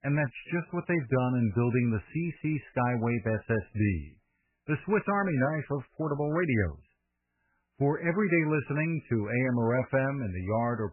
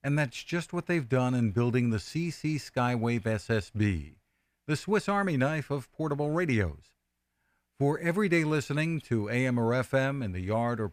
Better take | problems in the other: second | garbled, watery; badly; nothing above 2.5 kHz

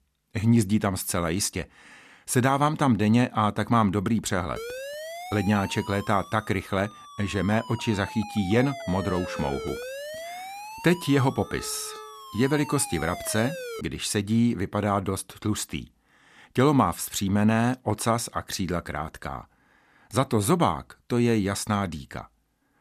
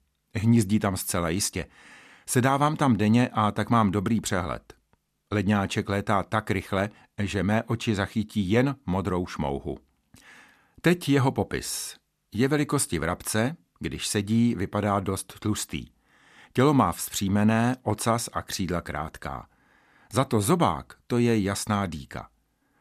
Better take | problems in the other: second | siren; noticeable; from 4.5 to 14 s; peak 9 dB below the speech

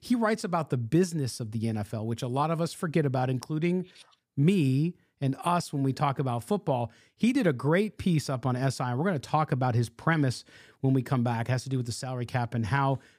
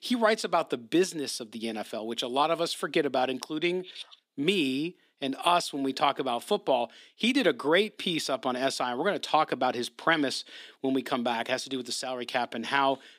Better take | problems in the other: first | thin; somewhat; fading below 250 Hz

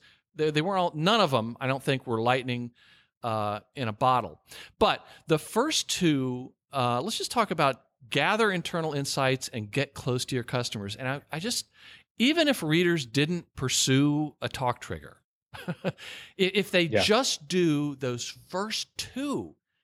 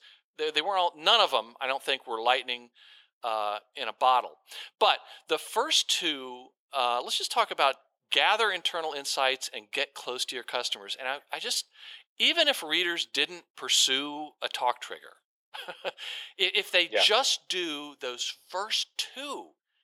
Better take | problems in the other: first | thin; very; fading below 500 Hz

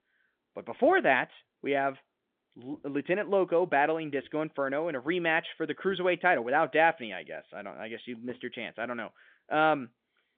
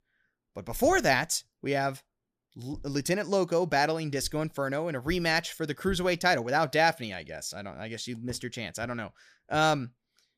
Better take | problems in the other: second | phone-call audio; nothing above 3.5 kHz

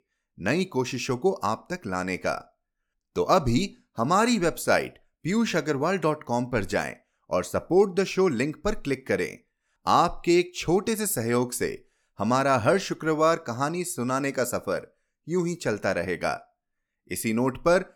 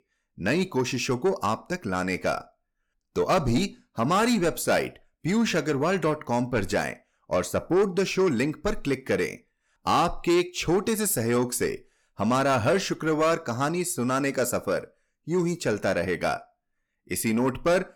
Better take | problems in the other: first | distortion; slight; 10 dB below the speech

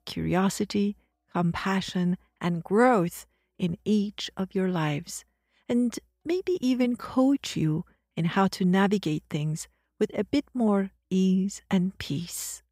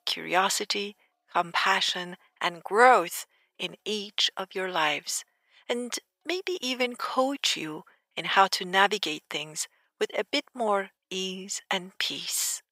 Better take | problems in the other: first | thin; very; fading below 700 Hz

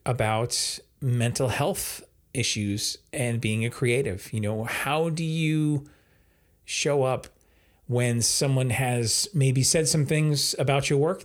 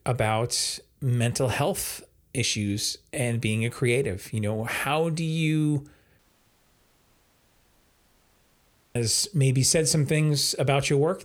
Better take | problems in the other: first | audio cutting out; at 6 s for 3 s

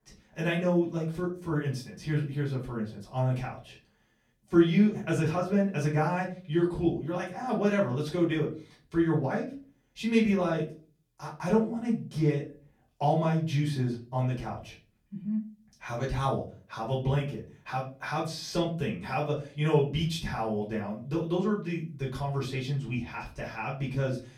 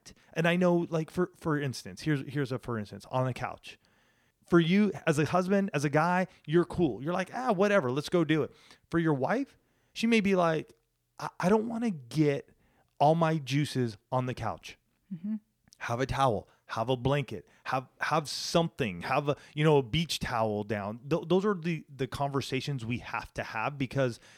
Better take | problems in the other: second | room echo; slight; dies away in 0.3 s // off-mic speech; far

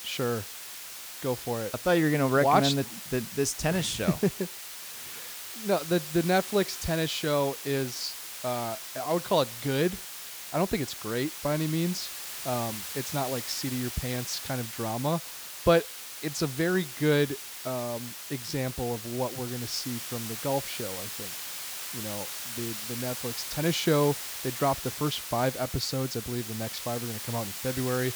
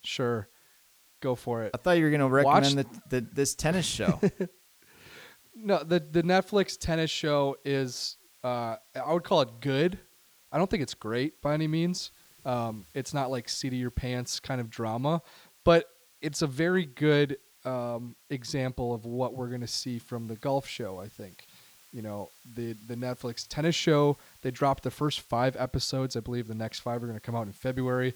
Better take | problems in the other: second | hiss; loud; throughout; 6 dB below the speech; faint in the second

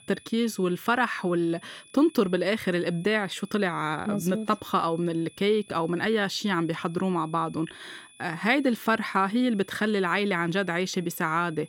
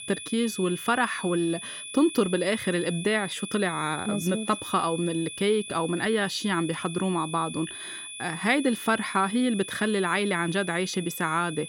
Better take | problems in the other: first | high-pitched whine; loud; throughout; 3.5 kHz, 10 dB below the speech; faint in the first

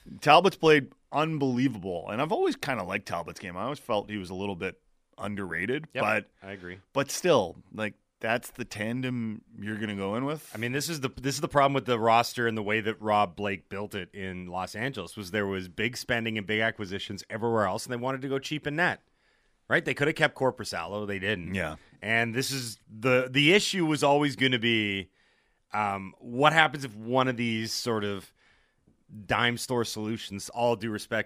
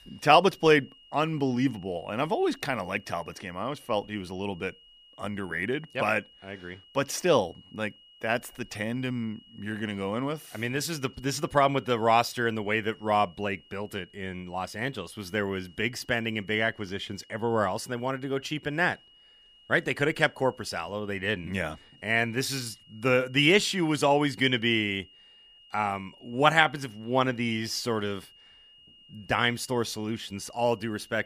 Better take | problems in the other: first | high-pitched whine; faint; throughout; 3 kHz, 25 dB below the speech

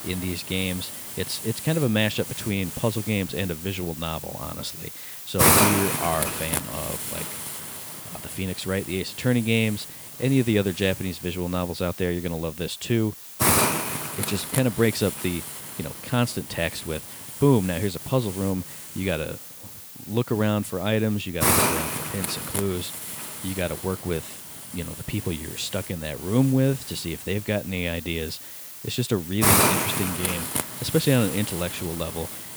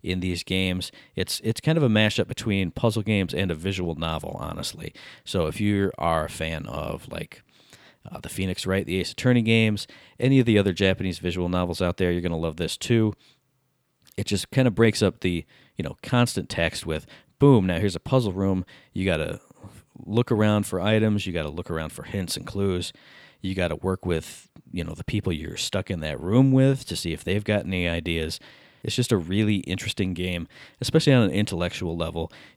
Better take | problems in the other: second | hiss; loud; throughout; 1 dB below the speech

